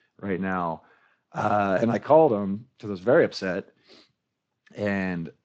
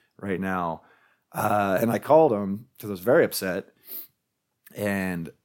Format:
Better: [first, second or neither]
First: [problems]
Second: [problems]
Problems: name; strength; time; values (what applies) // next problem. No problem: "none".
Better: second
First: garbled, watery; slightly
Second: none